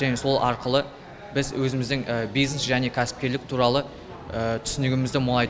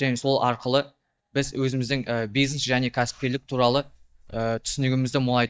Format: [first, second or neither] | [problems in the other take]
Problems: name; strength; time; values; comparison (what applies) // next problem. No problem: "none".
first | noise reduction (neural mask model DeepFilterNet 3)